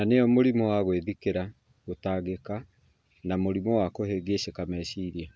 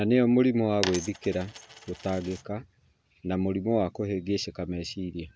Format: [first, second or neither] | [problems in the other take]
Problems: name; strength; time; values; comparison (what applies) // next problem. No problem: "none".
first | background sound (Coin (dropping)); 11 dB below the speech